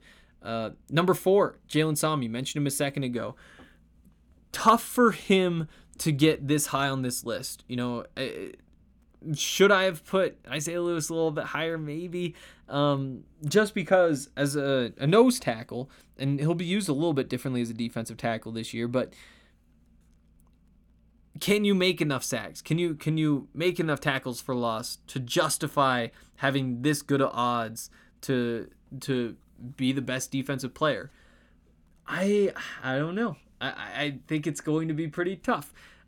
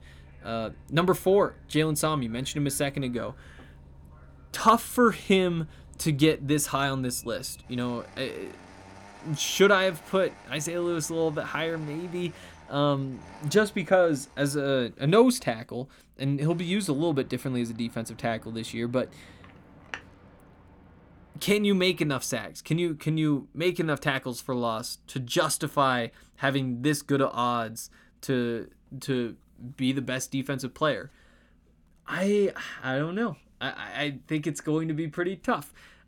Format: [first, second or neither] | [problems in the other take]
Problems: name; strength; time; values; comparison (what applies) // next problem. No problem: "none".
first | traffic noise; faint; until 22 s; 25 dB below the speech